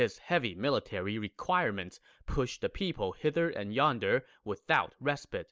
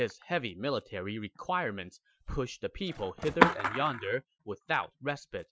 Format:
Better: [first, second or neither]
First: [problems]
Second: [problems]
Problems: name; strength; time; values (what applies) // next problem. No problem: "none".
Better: first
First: none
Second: noise reduction (classical method Wiener filter)